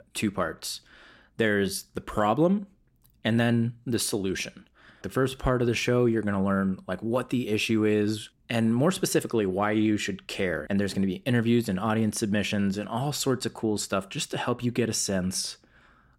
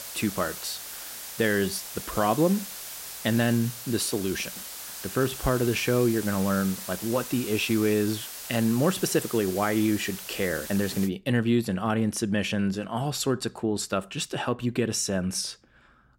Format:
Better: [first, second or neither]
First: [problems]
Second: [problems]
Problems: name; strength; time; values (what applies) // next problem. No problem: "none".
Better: first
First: none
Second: hiss; loud; until 11 s; 9 dB below the speech